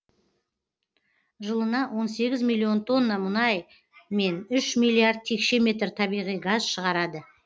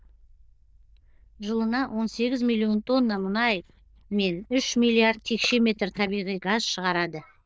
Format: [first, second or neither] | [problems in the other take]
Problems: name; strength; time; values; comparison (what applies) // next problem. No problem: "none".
first | noise reduction (neural diffusion model UNIVERSE++)